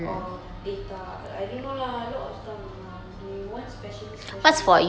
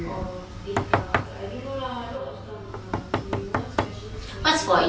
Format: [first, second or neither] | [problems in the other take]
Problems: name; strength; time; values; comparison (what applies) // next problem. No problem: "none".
first | background sound (Knock); 2 dB below the speech // room echo; dies away in 0.2 s